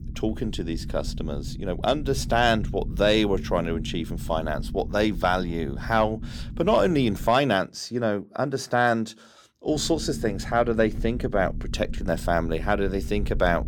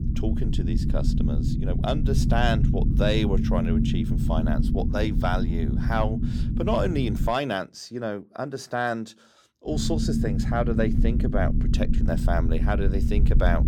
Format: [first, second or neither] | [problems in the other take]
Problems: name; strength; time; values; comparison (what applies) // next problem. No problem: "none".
first | low rumble; loud; until 7.5 s and from 9.5 s on; 6 dB below the speech; faint in the first